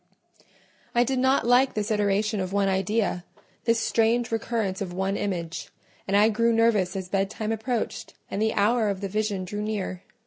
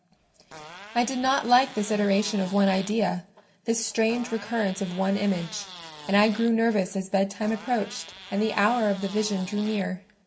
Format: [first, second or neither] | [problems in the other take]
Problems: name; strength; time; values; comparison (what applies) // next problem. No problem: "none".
first | background sound (Fart); 18 dB below the speech // room echo; dies away in 0.3 s